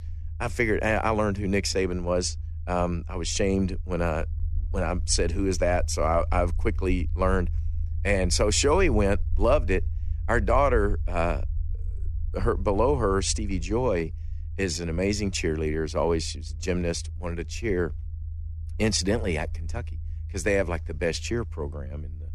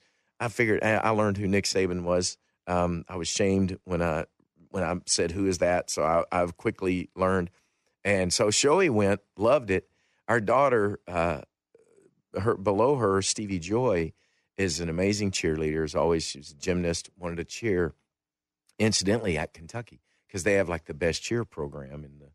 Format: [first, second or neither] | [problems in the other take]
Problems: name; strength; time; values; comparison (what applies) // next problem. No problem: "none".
second | low rumble; faint; throughout; 25 dB below the speech